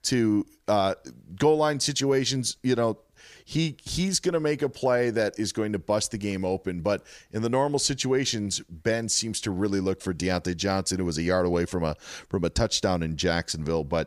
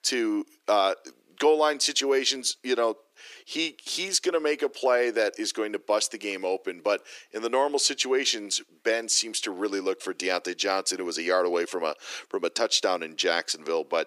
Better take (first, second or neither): first